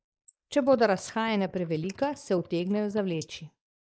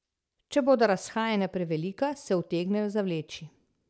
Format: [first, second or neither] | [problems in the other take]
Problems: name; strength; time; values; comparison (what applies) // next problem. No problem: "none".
second | noise reduction (neural mask model Resemble Enhance denoiser)